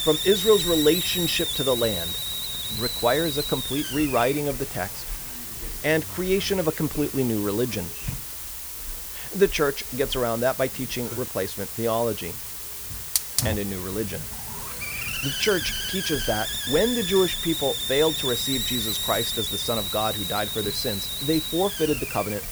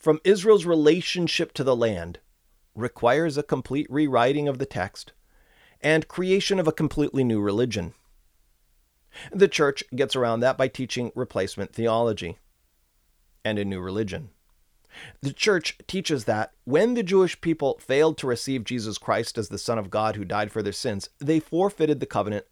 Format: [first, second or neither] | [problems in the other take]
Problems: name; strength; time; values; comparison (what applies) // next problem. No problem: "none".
second | hiss; loud; throughout; 2 dB below the speech